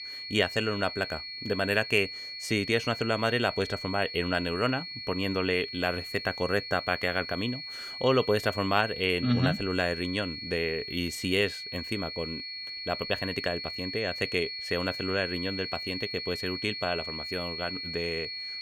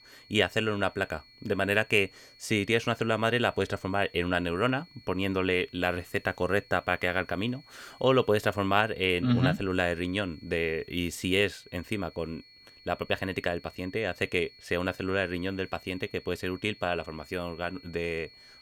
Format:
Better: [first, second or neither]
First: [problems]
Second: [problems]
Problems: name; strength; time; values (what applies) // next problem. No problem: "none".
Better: second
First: high-pitched whine; loud; throughout; 4.5 kHz, 6 dB below the speech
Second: high-pitched whine; faint; throughout; 4.5 kHz, 25 dB below the speech